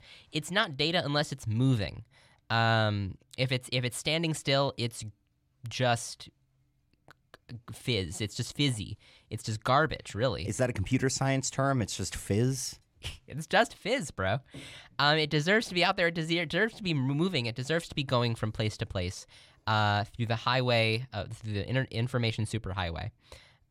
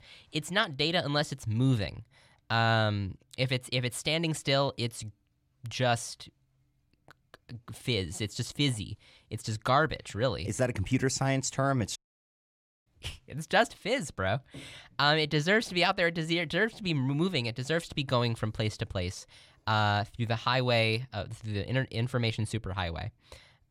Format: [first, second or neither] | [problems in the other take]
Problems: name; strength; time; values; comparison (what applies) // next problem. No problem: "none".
first | audio cutting out; at 12 s for 1 s